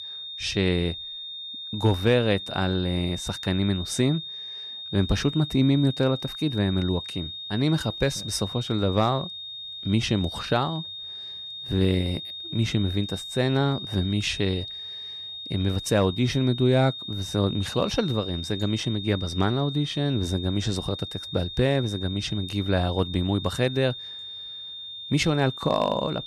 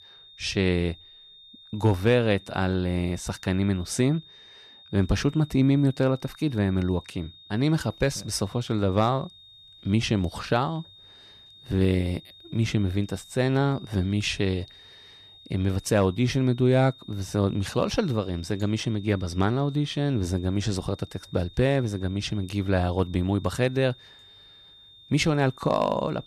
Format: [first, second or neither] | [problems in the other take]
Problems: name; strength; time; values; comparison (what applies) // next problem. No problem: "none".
second | high-pitched whine; loud; throughout; 3.5 kHz, 8 dB below the speech; faint in the second